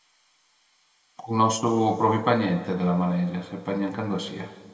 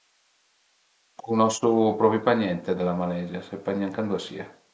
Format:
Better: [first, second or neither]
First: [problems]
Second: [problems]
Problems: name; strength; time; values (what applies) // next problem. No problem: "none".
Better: second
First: room echo; dies away in 1.5 s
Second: none